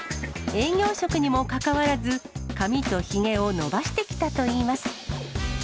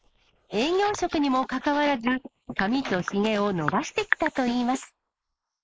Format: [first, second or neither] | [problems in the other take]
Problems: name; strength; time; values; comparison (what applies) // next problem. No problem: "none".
first | noise reduction (neural mask model Resemble Enhance denoiser)